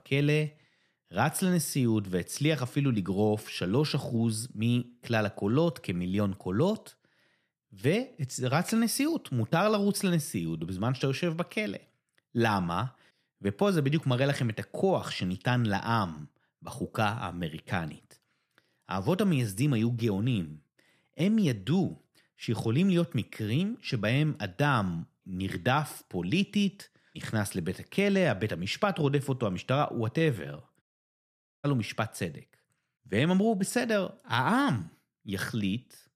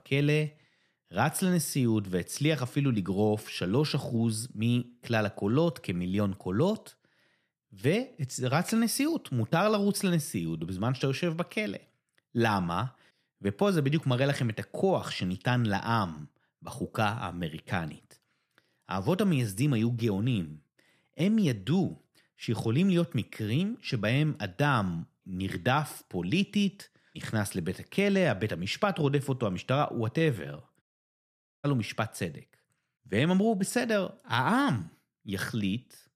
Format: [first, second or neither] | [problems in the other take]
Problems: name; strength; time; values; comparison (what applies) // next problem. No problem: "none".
neither | audio cutting out; at 31 s for 1 s; the same in both